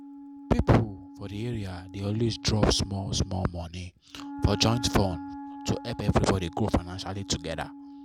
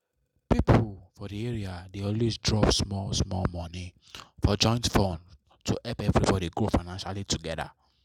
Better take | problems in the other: second | background sound (Wind instrument, woodwind instrument); 14 dB below the speech

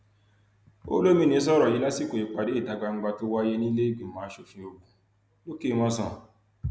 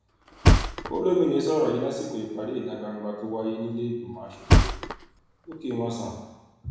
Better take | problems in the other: first | background sound (Thump, thud); 3 dB above the speech // room echo; dies away in 1 s

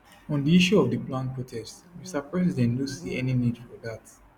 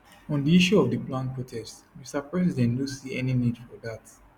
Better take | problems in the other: second | background sound (Insect); 19 dB below the speech

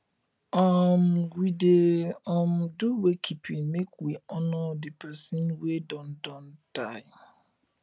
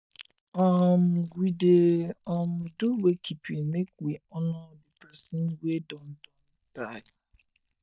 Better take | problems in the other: first | noise reduction (neural mask model DeepFilterNet 3)

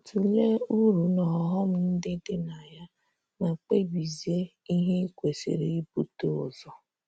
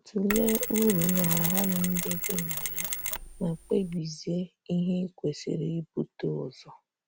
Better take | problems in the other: first | background sound (Mechanisms); 2 dB below the speech

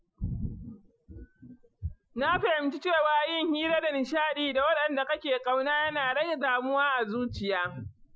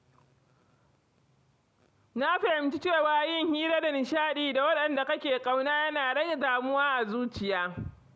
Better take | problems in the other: second | noise reduction (classical method Wiener filter)

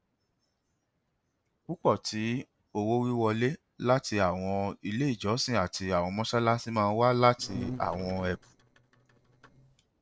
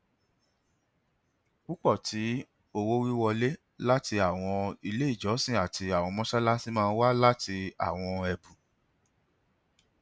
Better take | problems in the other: second | noise reduction (neural separator model SepFormer DNS4)

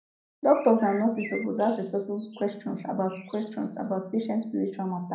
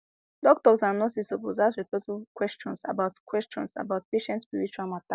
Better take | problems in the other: second | background sound (Bird); 20 dB below the speech // room echo; dies away in 0.6 s

